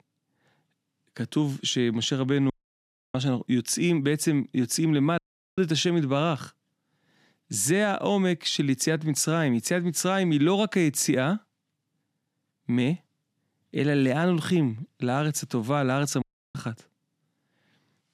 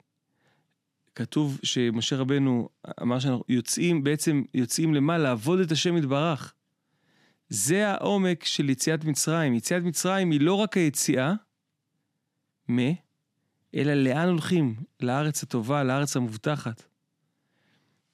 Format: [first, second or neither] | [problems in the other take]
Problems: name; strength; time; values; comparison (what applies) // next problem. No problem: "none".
second | audio cutting out; at 2.5 s for 0.5 s, at 5 s and at 16 s